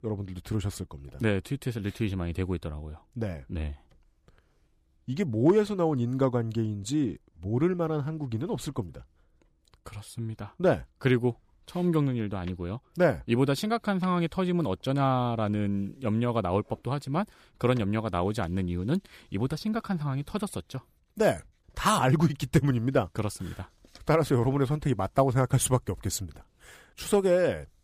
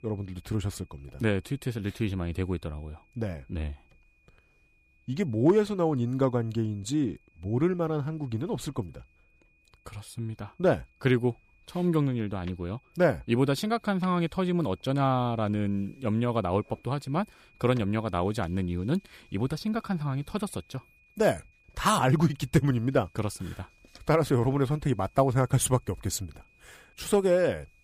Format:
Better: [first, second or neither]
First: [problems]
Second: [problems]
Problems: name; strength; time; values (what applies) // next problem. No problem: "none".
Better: first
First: none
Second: high-pitched whine; faint; throughout; 2.5 kHz, 35 dB below the speech